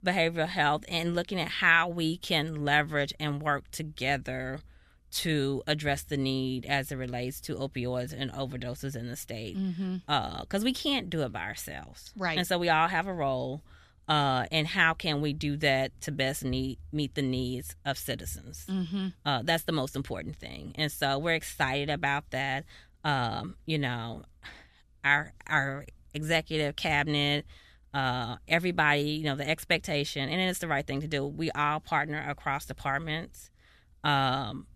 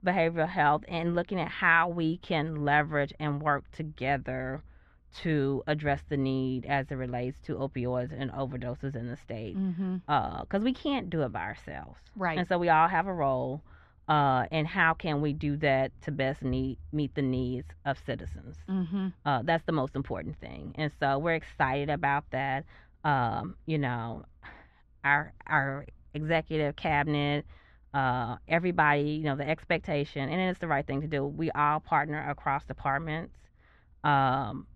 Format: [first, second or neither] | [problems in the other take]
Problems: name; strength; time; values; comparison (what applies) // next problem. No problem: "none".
first | muffled; very; fading above 2 kHz